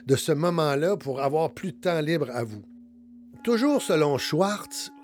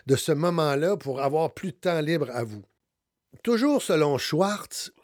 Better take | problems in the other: second | background music; faint; throughout; 25 dB below the speech

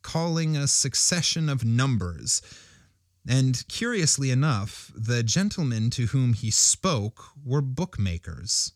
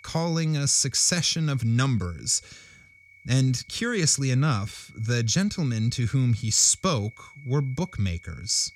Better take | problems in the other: first | high-pitched whine; faint; throughout; 2 kHz, 25 dB below the speech

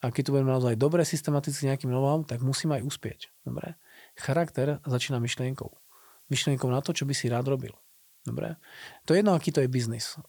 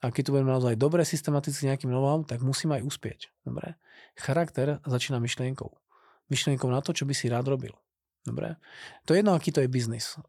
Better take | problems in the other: second | hiss; faint; throughout; 30 dB below the speech

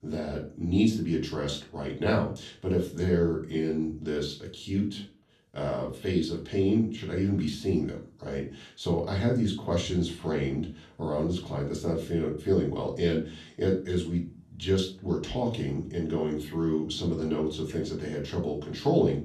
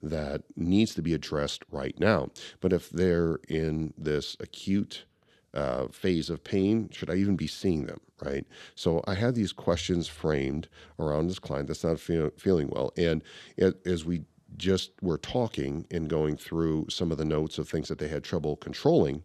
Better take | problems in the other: second | room echo; slight; dies away in 0.3 s // off-mic speech; far

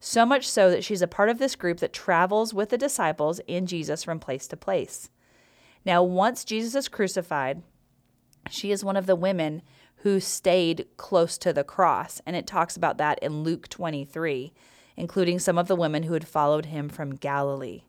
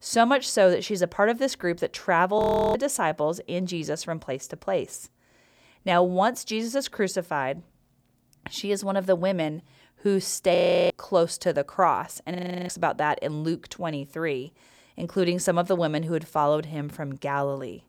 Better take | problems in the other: first | audio freezing; at 2.5 s, at 11 s and at 12 s

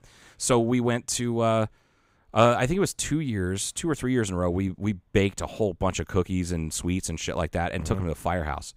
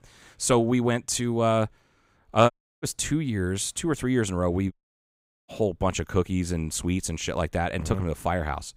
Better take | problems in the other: first | audio cutting out; at 2.5 s and at 4.5 s for 1 s

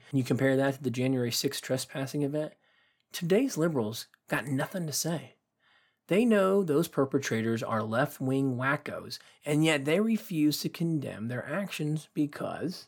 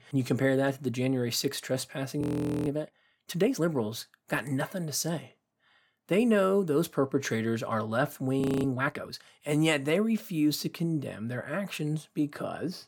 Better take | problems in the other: first | audio freezing; at 2 s and at 8.5 s

